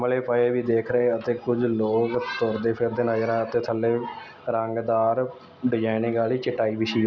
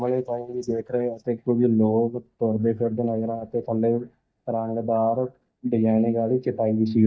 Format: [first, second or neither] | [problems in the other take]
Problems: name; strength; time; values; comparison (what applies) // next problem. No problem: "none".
first | noise reduction (neural mask model DeepFilterNet 3)